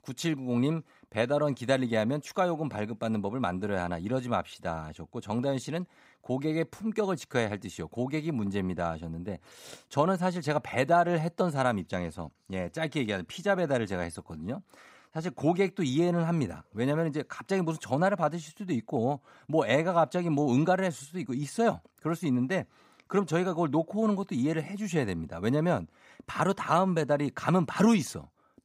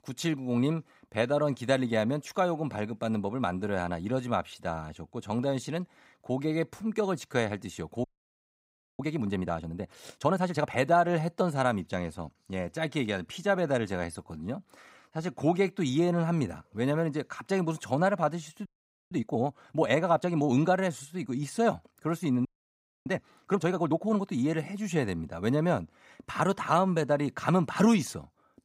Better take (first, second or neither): first